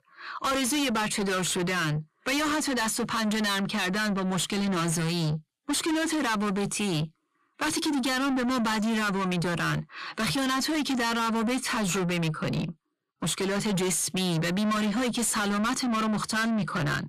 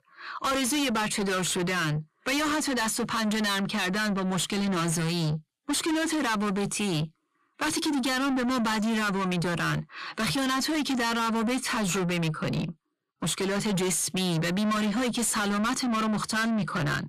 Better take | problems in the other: neither | distortion; heavy; 6 dB below the speech; the same in both

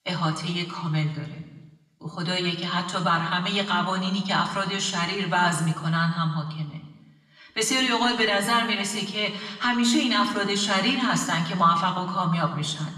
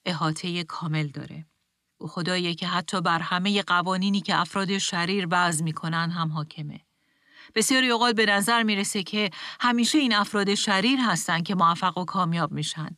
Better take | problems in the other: second | room echo; slight; dies away in 1 s // off-mic speech; somewhat distant

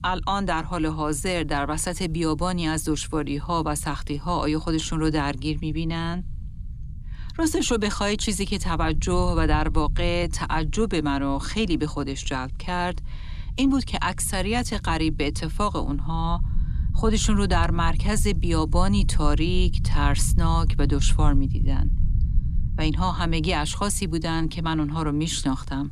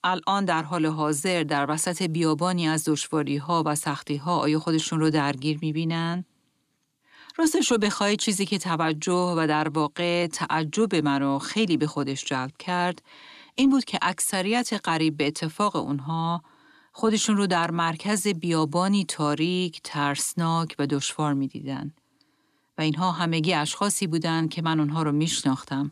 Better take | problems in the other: second | low rumble; noticeable; throughout; 20 dB below the speech

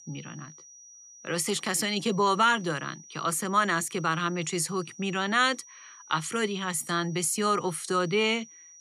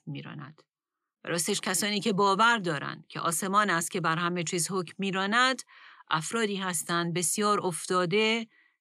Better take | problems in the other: second | high-pitched whine; faint; throughout; 6 kHz, 20 dB below the speech

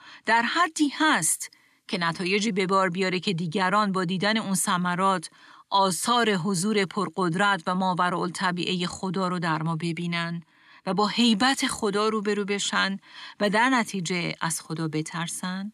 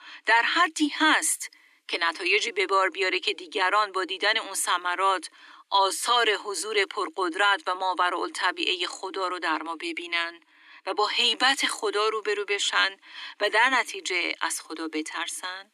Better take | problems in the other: first | thin; very; fading below 300 Hz

